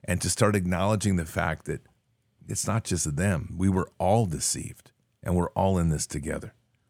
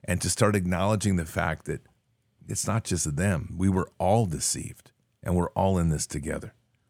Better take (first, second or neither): neither